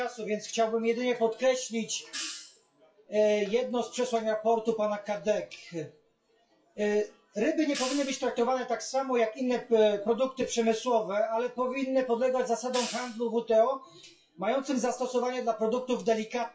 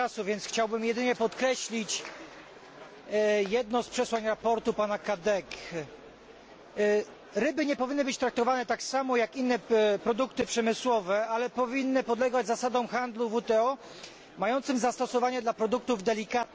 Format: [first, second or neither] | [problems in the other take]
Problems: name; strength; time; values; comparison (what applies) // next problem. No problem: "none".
second | noise reduction (classical method WPE with log-MMSE)